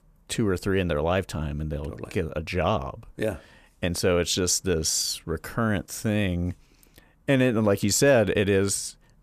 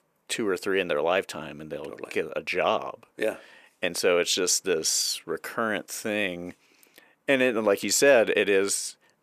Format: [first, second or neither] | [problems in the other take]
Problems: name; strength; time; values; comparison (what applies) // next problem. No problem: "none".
first | thin; somewhat; fading below 400 Hz